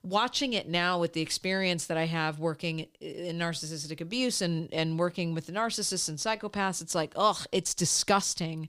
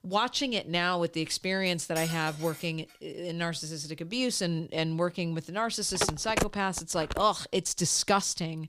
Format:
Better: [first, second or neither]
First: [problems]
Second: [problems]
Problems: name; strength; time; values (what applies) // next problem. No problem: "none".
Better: first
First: none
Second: clattering dishes; noticeable; at 1.5 s; peak 8 dB below the speech // phone ringing; noticeable; from 6 to 7 s; peak 1 dB below the speech